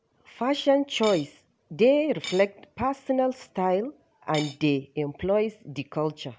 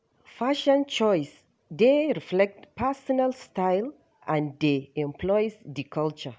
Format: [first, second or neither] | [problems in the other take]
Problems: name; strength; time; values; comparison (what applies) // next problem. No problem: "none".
second | background sound (Cutlery, silverware / Dishes, pots, and pans); 13 dB below the speech